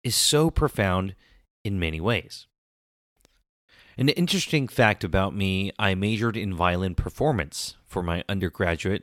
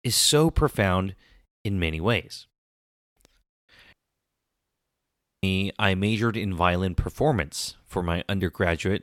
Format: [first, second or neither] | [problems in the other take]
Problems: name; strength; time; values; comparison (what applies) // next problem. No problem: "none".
first | audio cutting out; at 4 s for 1.5 s